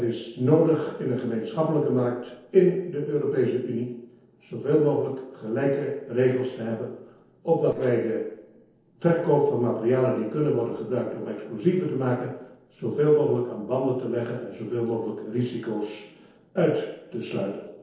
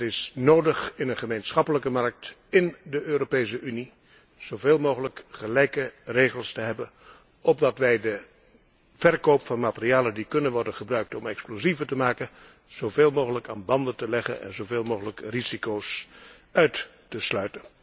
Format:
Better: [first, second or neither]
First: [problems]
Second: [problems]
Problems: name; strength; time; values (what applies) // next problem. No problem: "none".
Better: second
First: noise reduction (neural separator model SepFormer DNS4)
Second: none